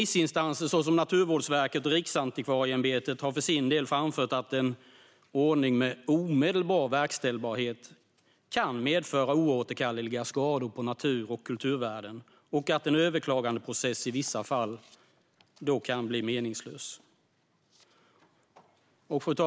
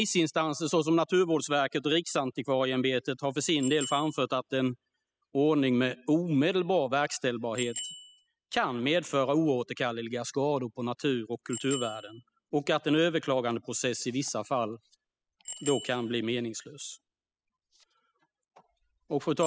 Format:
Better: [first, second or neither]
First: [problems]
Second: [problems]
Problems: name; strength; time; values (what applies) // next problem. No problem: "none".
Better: first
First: none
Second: noise reduction (classical method spectral subtraction)